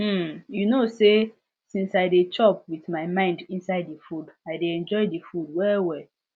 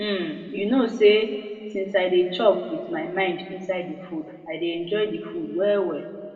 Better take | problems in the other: first | room echo; dies away in 1.6 s

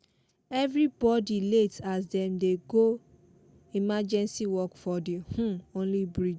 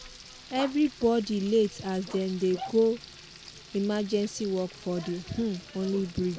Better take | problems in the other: first | background sound (Frying (food) + Growling); 16 dB below the speech

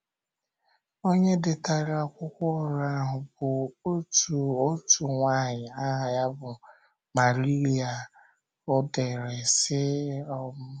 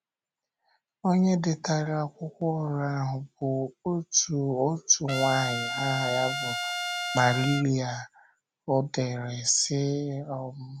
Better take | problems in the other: first | background sound (Trumpet); 4 dB below the speech

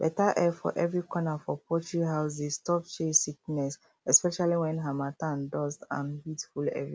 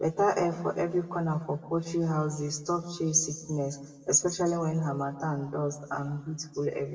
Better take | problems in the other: first | room echo; dies away in 1 s

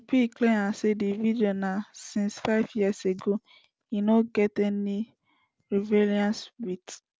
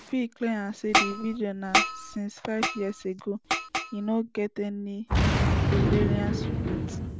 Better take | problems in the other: first | background sound (Boom); 4 dB above the speech

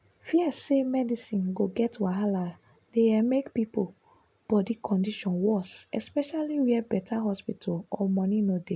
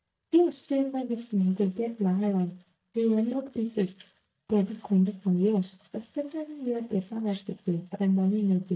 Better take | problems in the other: first | noise reduction (neural mask model DeepFilterNet 3)

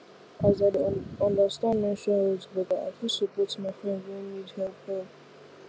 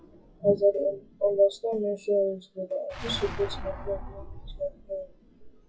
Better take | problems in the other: first | noise reduction (classical method WPE with log-MMSE)

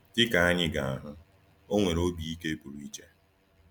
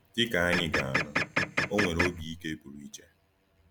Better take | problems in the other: first | background sound (Printer); 2 dB above the speech

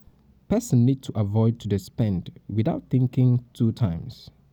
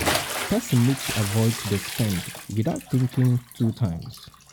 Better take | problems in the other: first | background sound (Bathtub (filling or washing) / Splash, splatter); 7 dB below the speech

